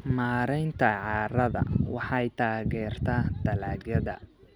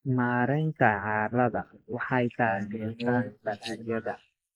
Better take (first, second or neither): first